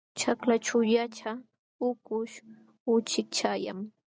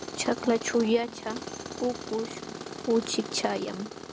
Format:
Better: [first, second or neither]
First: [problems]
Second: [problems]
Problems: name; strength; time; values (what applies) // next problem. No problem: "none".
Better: first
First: none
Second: background sound (Tools); 9 dB below the speech